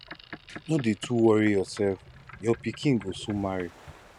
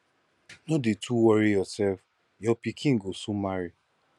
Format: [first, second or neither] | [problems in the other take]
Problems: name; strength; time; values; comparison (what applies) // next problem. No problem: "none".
second | background sound (Boat, Water vehicle); 19 dB below the speech